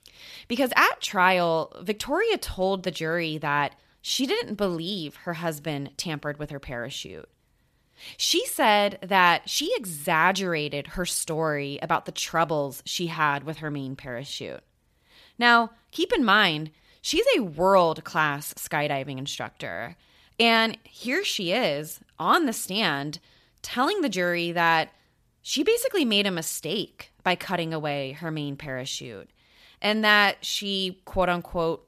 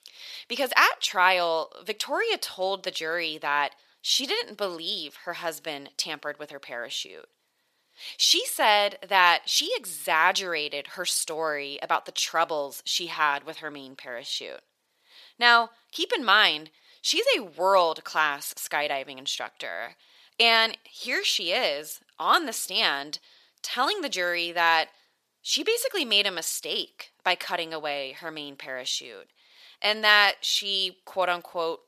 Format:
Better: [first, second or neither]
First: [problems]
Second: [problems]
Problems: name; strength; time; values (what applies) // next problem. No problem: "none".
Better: first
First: none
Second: thin; somewhat; fading below 500 Hz